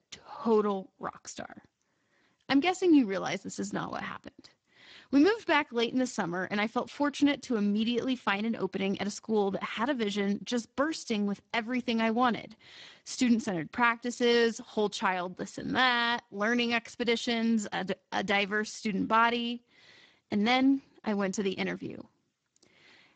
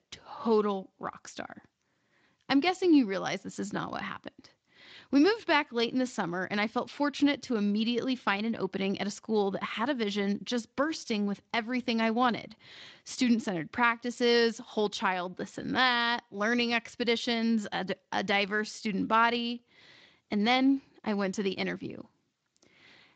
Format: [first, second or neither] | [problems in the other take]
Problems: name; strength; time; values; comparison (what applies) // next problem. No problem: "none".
second | garbled, watery; badly; nothing above 7.5 kHz; slightly in the second